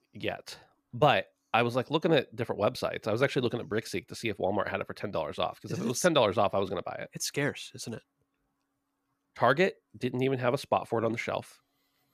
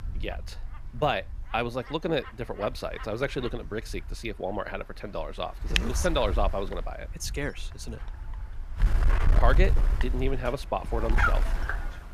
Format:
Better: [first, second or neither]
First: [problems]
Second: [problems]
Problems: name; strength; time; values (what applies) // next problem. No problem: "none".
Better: first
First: none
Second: wind noise on the microphone; heavy; 3 dB below the speech